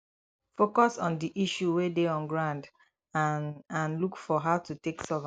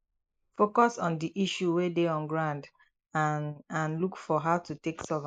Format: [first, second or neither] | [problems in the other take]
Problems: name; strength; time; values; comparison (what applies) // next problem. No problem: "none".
first | noise reduction (neural mask model Resemble Enhance denoiser)